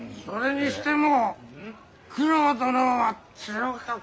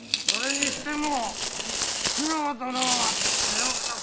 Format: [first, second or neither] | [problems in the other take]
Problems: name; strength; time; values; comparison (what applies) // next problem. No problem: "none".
first | background sound (Coin (dropping)); 4 dB above the speech